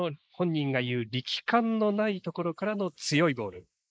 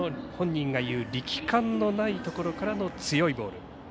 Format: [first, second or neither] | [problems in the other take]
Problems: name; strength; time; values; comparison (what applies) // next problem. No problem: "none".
second | noise reduction (neural mask model Resemble Enhance denoiser)